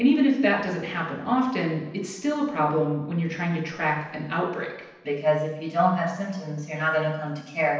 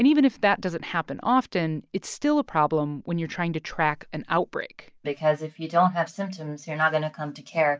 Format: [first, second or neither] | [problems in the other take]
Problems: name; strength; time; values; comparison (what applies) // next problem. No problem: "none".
second | room echo; dies away in 0.9 s